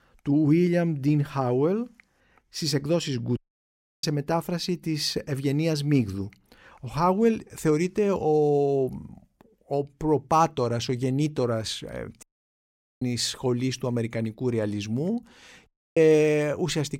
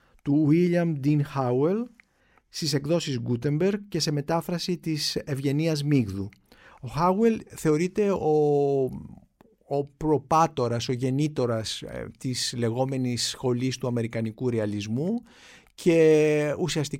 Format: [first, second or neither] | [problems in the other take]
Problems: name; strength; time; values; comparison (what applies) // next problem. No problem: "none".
second | audio cutting out; at 3.5 s for 0.5 s, at 12 s for 1 s and at 16 s